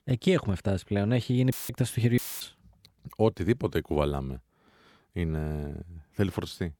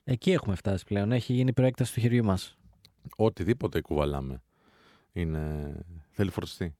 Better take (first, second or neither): second